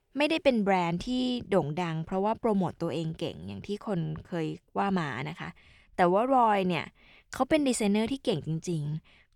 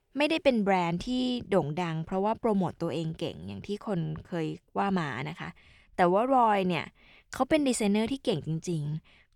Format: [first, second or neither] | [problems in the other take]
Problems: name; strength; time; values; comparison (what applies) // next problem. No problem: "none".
neither | none